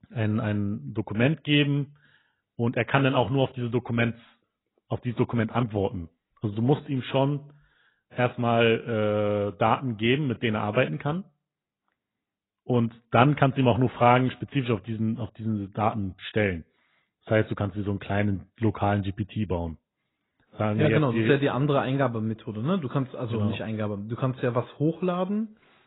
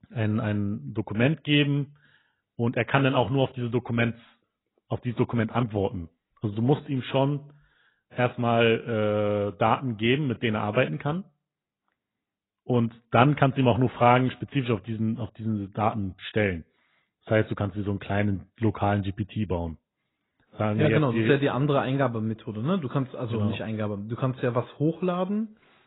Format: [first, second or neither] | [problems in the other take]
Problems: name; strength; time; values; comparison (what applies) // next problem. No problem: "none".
neither | garbled, watery; badly; nothing above 3.5 kHz; the same in both